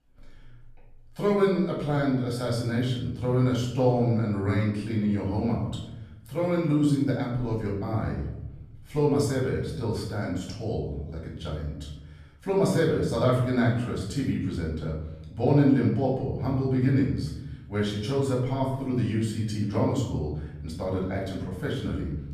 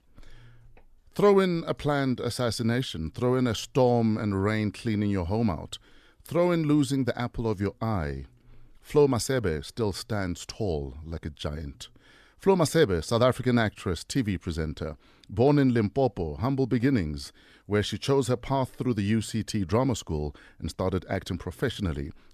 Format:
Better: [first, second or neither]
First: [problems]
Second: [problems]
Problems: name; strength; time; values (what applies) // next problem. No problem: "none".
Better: second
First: off-mic speech; far // room echo; noticeable; dies away in 1.1 s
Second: none